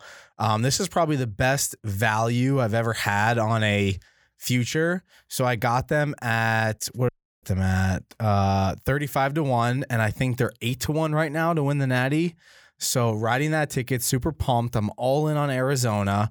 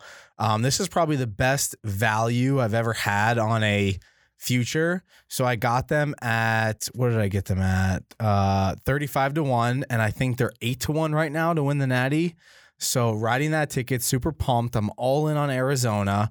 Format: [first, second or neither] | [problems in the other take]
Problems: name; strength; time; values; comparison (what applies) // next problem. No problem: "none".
second | audio cutting out; at 7 s